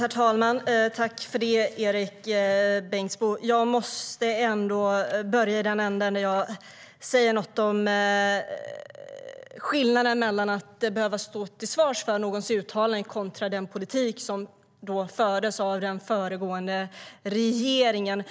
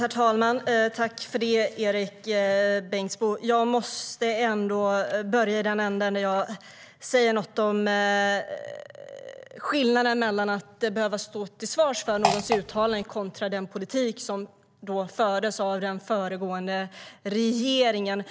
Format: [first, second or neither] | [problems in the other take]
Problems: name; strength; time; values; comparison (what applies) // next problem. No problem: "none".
first | background sound (Fart); 3 dB below the speech